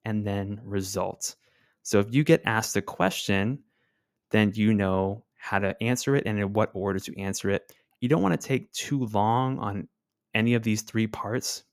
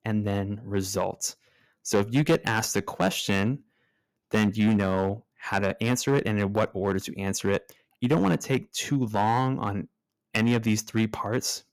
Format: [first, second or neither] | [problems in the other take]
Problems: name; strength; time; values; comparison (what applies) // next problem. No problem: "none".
first | distortion; slight; 3% of the sound clipped